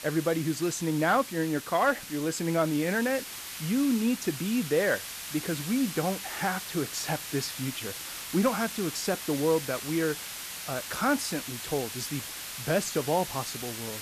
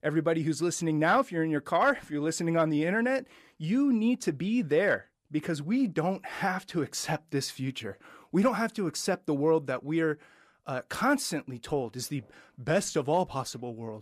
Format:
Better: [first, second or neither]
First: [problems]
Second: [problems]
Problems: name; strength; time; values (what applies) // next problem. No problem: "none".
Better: second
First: hiss; loud; throughout; 7 dB below the speech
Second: none